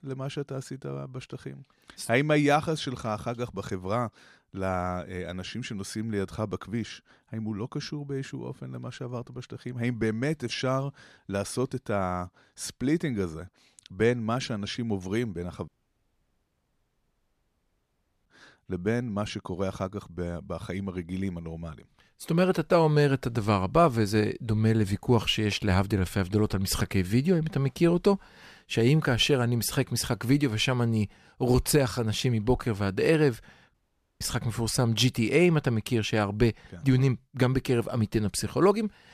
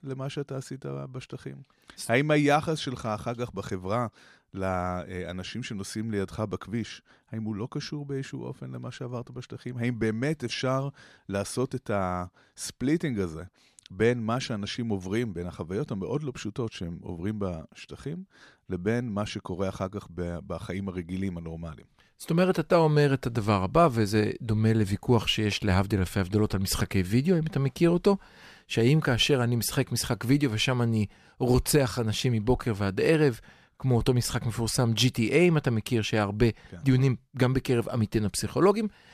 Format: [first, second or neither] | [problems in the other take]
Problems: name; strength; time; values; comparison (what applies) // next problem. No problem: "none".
second | audio cutting out; at 16 s for 2.5 s and at 34 s